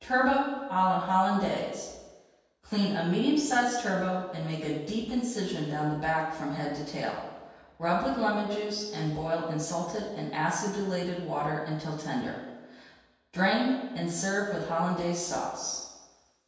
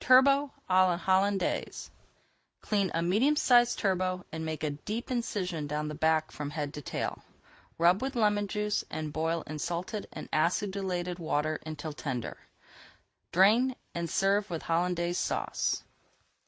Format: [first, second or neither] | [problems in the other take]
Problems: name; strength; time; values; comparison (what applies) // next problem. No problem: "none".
second | room echo; dies away in 1.2 s